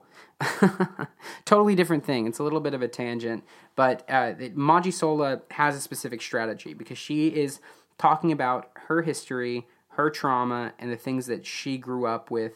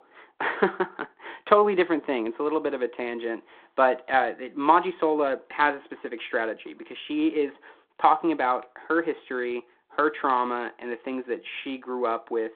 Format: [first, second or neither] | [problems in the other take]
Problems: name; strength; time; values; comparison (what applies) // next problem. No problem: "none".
first | phone-call audio; nothing above 3.5 kHz